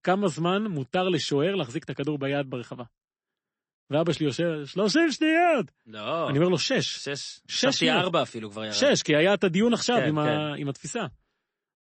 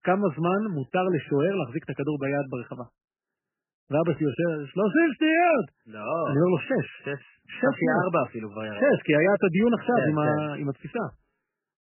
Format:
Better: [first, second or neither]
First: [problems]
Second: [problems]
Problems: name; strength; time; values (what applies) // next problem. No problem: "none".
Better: first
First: garbled, watery; slightly; nothing above 8 kHz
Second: garbled, watery; badly; nothing above 3 kHz